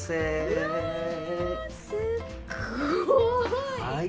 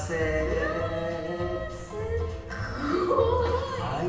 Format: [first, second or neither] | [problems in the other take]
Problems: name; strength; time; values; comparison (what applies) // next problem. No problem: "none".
first | room echo; dies away in 1.1 s